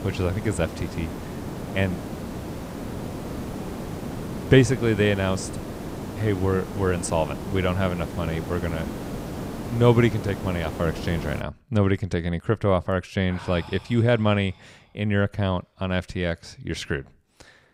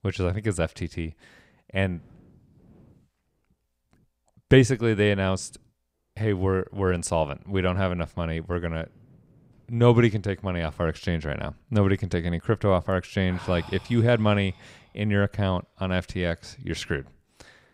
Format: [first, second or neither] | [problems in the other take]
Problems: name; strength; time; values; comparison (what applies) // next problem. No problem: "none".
second | hiss; loud; until 11 s; 9 dB below the speech